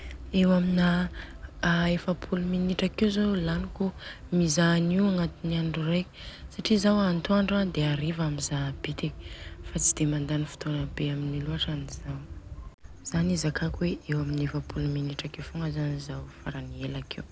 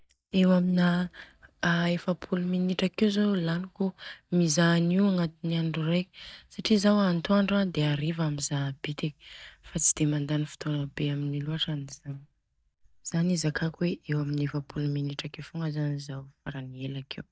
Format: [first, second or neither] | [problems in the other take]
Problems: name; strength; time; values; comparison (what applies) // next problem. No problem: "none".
first | noise reduction (neural mask model DeepFilterNet 3)